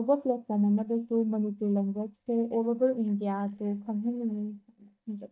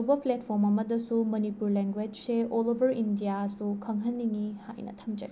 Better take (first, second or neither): second